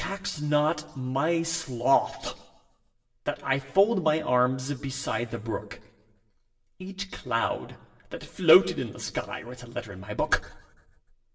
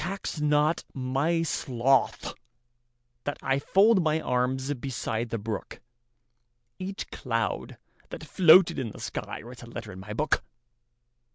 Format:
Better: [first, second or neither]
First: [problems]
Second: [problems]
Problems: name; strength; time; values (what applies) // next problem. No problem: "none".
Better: second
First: room echo; dies away in 0.9 s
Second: none